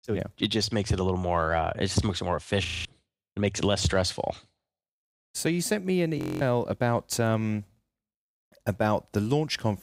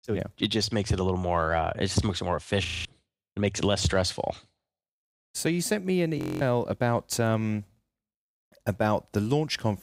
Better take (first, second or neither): neither